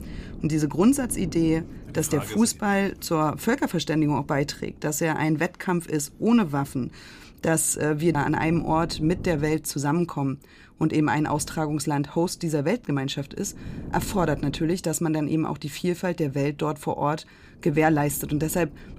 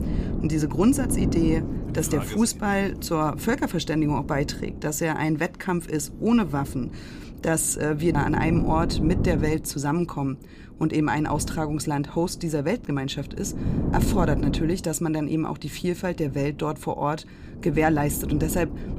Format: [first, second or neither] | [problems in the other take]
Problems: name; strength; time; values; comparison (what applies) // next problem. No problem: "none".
first | wind noise on the microphone; heavy; 10 dB below the speech; occasional gusts in the first